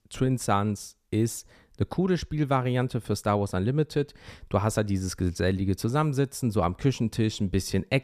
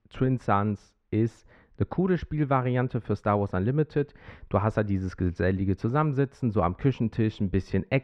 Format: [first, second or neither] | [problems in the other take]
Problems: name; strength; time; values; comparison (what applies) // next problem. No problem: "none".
first | muffled; very; fading above 2 kHz